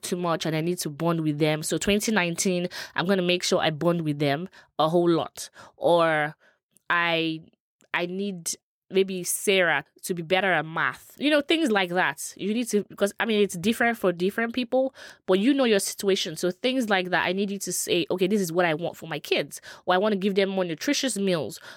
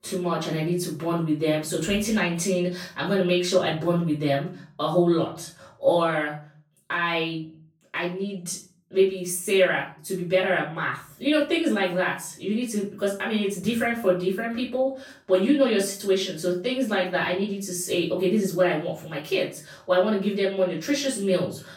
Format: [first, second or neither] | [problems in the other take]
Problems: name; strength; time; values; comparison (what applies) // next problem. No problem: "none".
first | off-mic speech; far // room echo; slight; dies away in 0.4 s